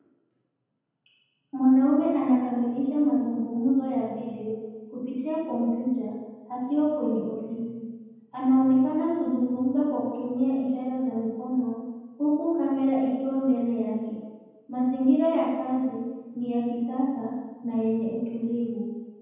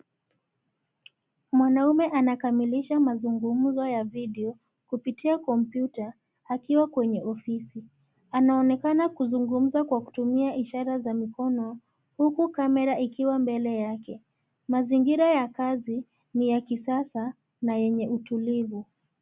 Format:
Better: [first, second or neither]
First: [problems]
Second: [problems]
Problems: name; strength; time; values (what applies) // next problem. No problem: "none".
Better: second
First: room echo; dies away in 1.2 s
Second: none